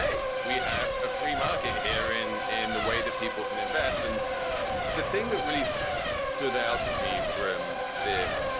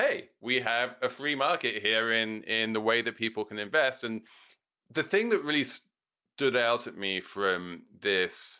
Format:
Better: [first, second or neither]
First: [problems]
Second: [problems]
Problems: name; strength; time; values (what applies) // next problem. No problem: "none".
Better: second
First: background sound (Race car, auto racing / Accelerating, revving, vroom / Mechanisms); 4 dB above the speech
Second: none